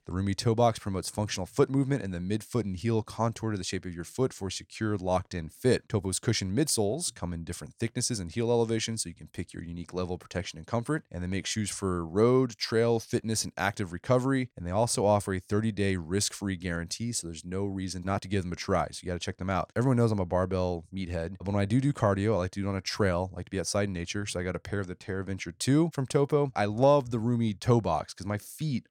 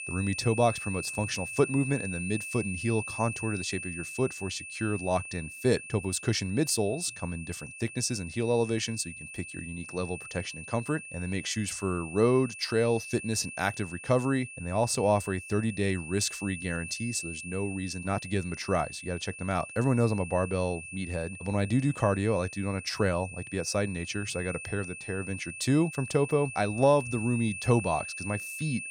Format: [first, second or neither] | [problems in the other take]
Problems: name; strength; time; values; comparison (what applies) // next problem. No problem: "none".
first | high-pitched whine; loud; throughout; 2.5 kHz, 9 dB below the speech